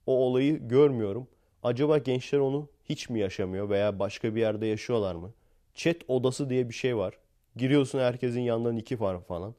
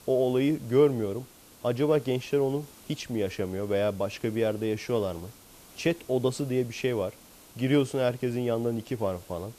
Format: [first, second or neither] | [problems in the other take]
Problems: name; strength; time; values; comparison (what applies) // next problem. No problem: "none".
first | hiss; faint; throughout; 20 dB below the speech